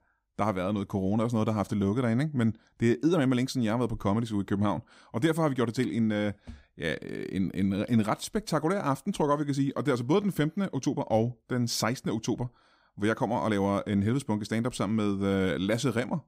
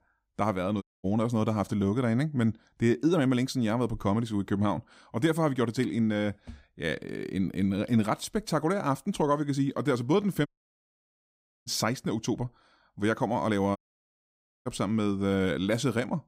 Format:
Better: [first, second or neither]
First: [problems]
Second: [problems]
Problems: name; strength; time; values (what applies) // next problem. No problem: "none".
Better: first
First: none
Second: audio cutting out; at 1 s, at 10 s for 1 s and at 14 s for 1 s